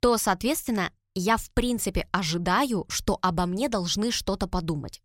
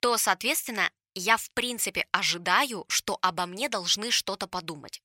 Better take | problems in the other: first | thin; somewhat; fading below 1 kHz

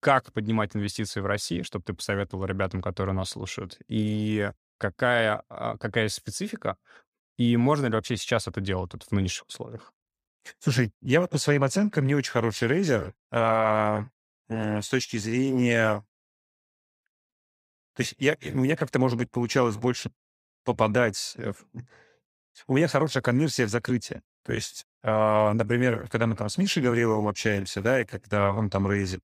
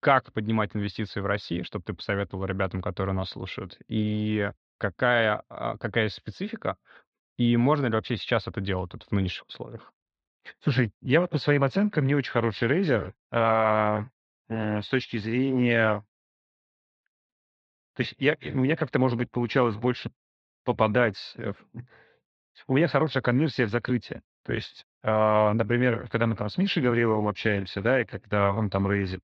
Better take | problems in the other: first | muffled; slightly; fading above 4 kHz

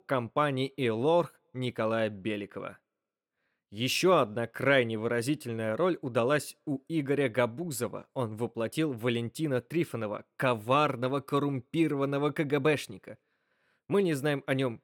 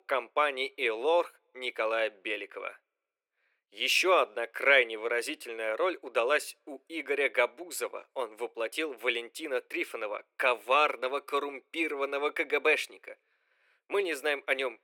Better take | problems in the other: first | thin; very; fading below 400 Hz

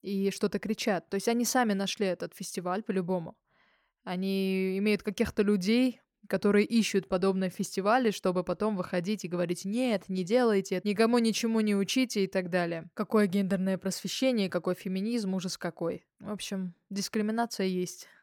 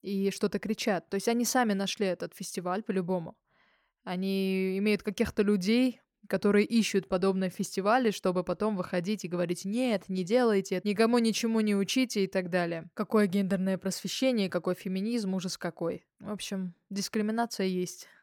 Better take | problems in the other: neither | none

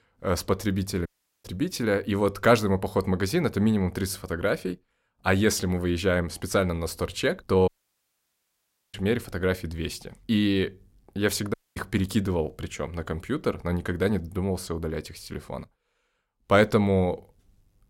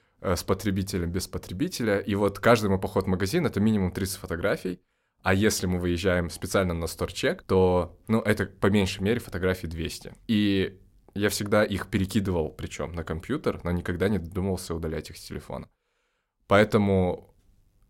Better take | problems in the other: second | audio cutting out; at 1 s, at 7.5 s for 1.5 s and at 12 s

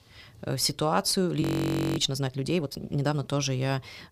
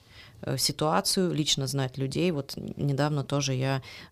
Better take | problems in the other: second | audio freezing; at 1.5 s for 0.5 s

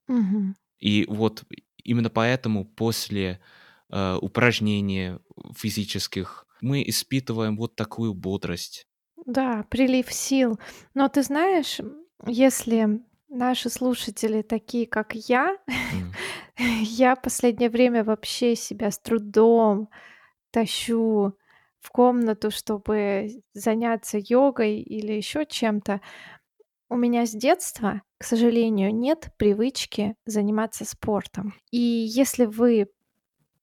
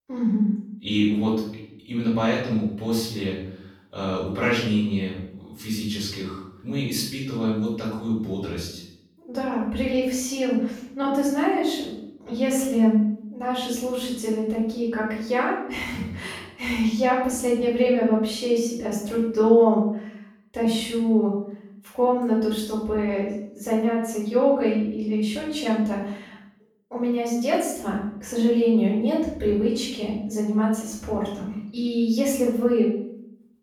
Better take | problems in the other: first | off-mic speech; far // room echo; noticeable; dies away in 0.6 s

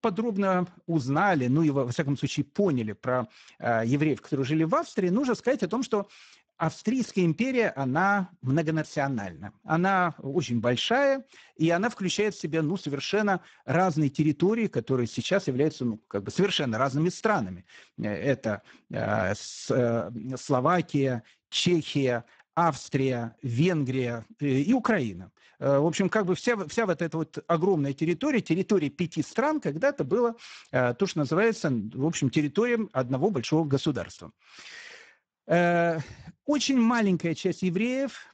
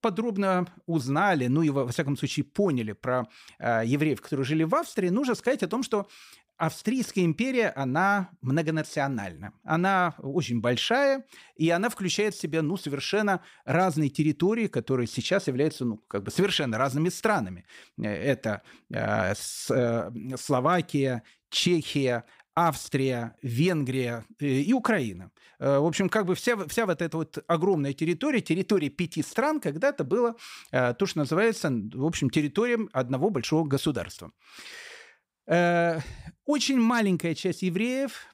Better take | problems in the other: second | garbled, watery; badly; nothing above 7.5 kHz

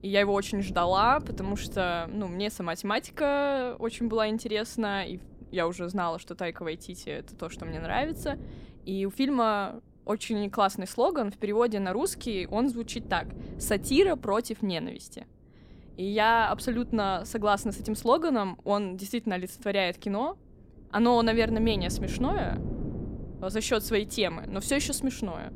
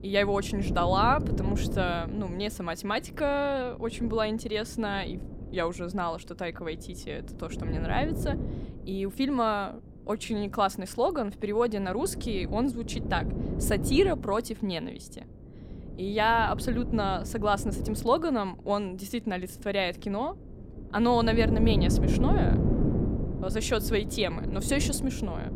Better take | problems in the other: first | wind noise on the microphone; heavy; 10 dB below the speech; occasional gusts in the first

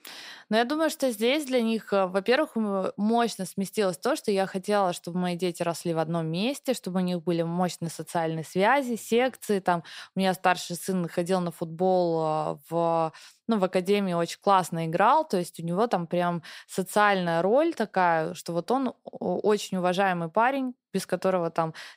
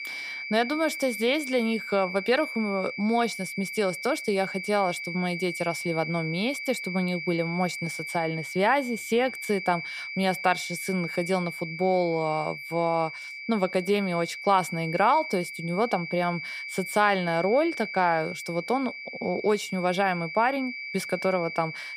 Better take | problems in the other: first | high-pitched whine; loud; throughout; 2.5 kHz, 7 dB below the speech

